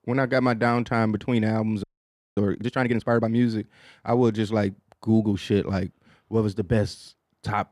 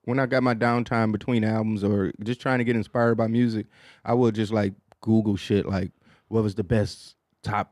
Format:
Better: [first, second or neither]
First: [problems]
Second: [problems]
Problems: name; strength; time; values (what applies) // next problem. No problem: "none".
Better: second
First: audio freezing; at 2 s for 0.5 s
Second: none